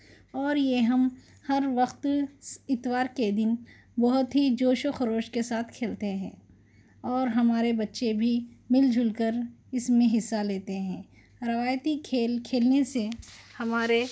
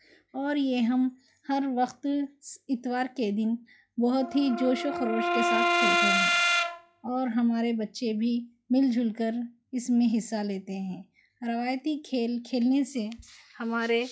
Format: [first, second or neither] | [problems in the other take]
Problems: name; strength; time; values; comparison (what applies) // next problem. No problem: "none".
first | noise reduction (classical method log-MMSE)